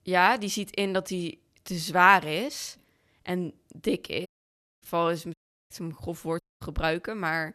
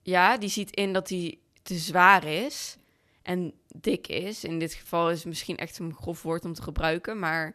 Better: second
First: audio cutting out; at 4.5 s for 0.5 s, at 5.5 s and at 6.5 s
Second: none

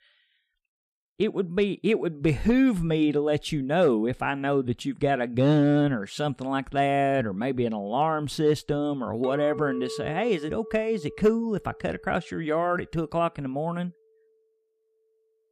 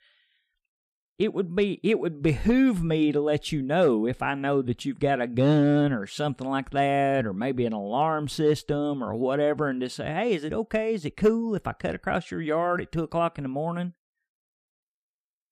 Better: second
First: clattering dishes; noticeable; from 9 to 12 s; peak 9 dB below the speech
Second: none

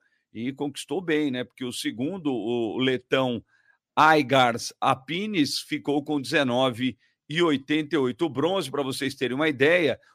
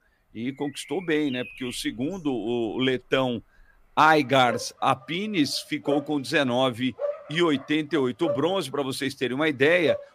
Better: first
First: none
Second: animal sounds; noticeable; throughout; 10 dB below the speech

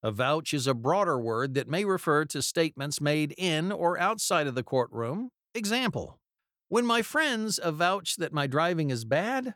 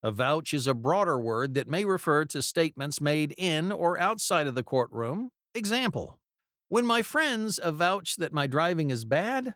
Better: first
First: none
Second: garbled, watery; slightly

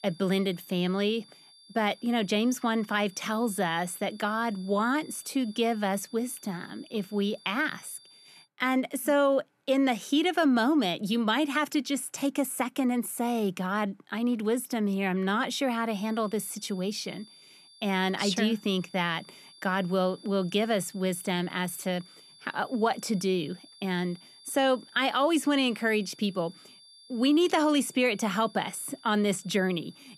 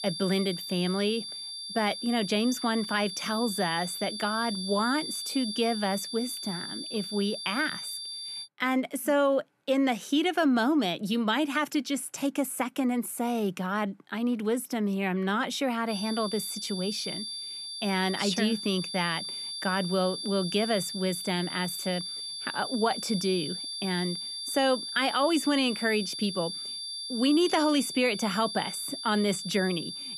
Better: first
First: high-pitched whine; faint; until 8.5 s and from 16 s on; 4.5 kHz, 25 dB below the speech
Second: high-pitched whine; loud; until 8.5 s and from 16 s on; 4.5 kHz, 6 dB below the speech

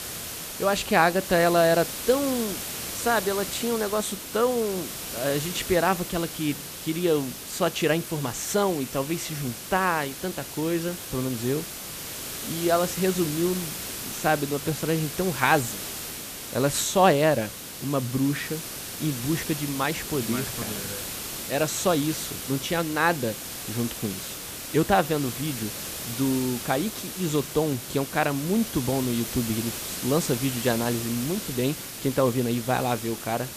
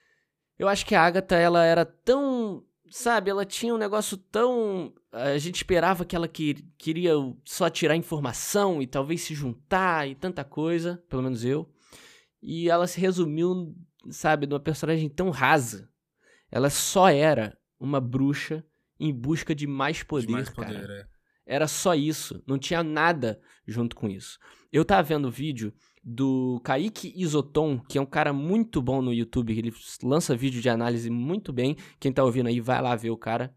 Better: second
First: hiss; loud; throughout; 7 dB below the speech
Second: none

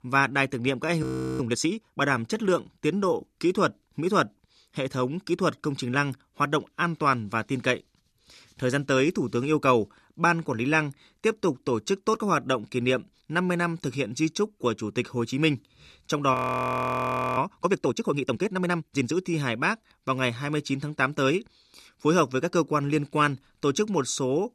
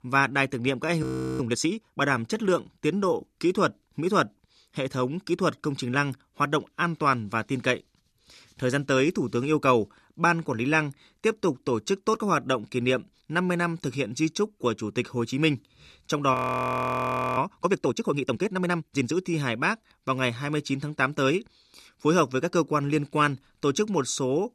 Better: neither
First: audio freezing; at 1 s and at 16 s for 1 s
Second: audio freezing; at 1 s and at 16 s for 1 s

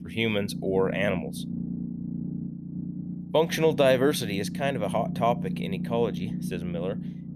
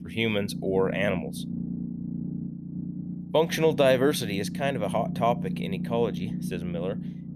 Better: neither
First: low rumble; noticeable; throughout; 15 dB below the speech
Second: low rumble; noticeable; throughout; 15 dB below the speech

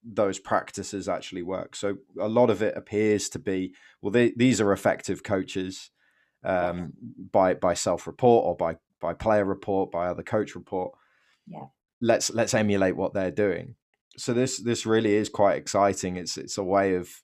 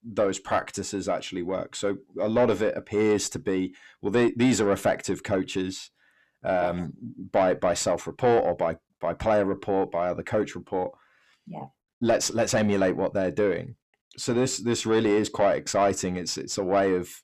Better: first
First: none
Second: distortion; slight; 10 dB below the speech

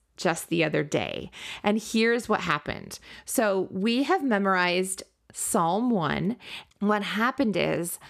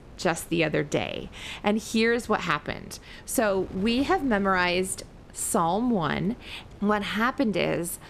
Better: first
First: none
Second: wind noise on the microphone; occasional gusts; 25 dB below the speech

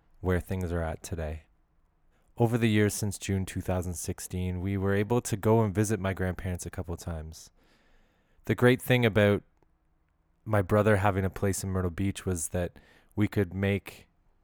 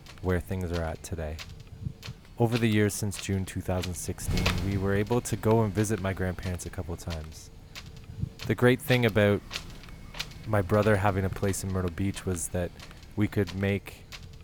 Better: first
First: none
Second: wind noise on the microphone; occasional gusts; 10 dB below the speech

